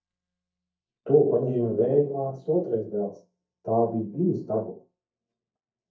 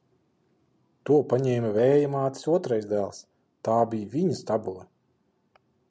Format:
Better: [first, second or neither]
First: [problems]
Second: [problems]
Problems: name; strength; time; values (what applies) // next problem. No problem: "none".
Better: second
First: noise reduction (neural mask model DeepFilterNet 3)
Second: none